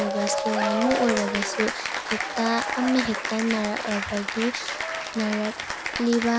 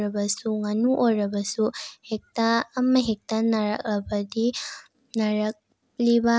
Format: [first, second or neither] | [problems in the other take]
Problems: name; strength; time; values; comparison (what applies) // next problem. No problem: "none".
second | background sound (Applause / Cheering); 2 dB below the speech